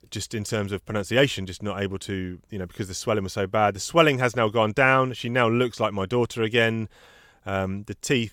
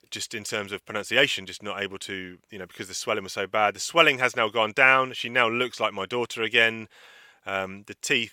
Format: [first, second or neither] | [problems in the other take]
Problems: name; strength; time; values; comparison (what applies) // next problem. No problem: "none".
first | thin; somewhat; fading below 600 Hz